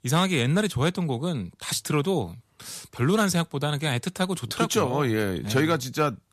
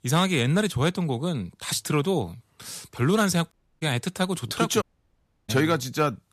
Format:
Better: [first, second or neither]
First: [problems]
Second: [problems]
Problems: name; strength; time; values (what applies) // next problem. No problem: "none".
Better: first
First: none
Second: audio cutting out; at 3.5 s and at 5 s for 0.5 s